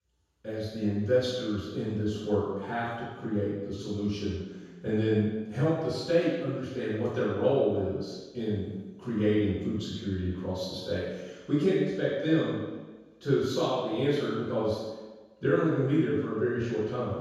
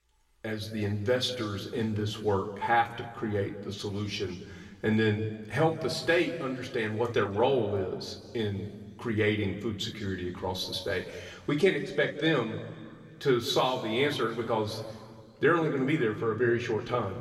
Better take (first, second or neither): second